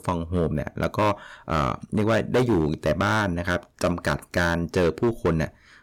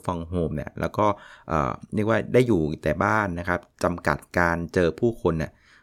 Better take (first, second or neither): second